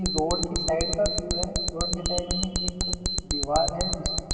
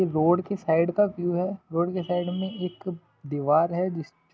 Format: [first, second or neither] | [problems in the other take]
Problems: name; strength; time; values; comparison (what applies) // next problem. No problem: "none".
second | background sound (Alarm); 1 dB above the speech // room echo; dies away in 2.6 s